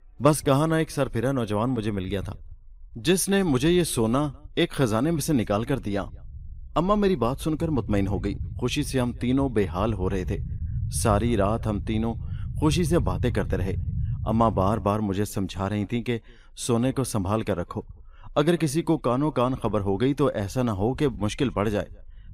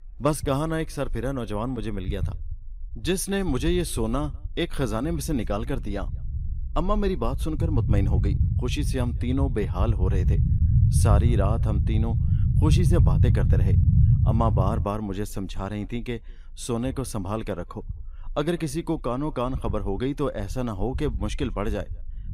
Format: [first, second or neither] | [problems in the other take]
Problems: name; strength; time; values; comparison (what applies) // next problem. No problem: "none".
first | low rumble; loud; throughout; 7 dB below the speech; faint in the first